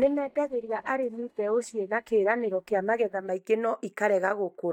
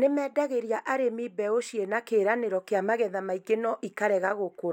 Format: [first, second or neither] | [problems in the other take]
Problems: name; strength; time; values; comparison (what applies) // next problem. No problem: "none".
second | noise reduction (neural mask model DeepFilterNet 3)